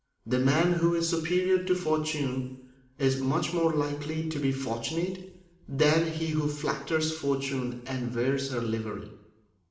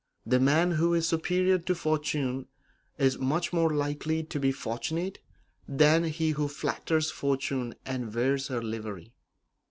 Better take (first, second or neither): second